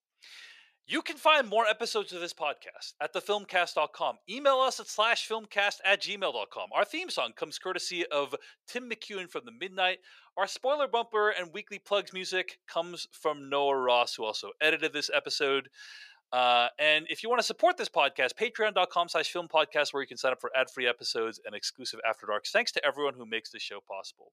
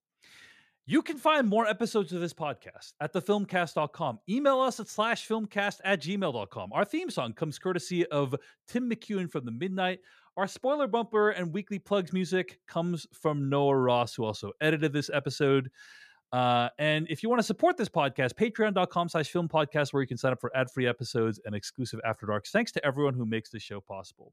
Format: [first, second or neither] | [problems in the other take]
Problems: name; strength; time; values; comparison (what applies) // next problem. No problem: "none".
second | thin; very; fading below 600 Hz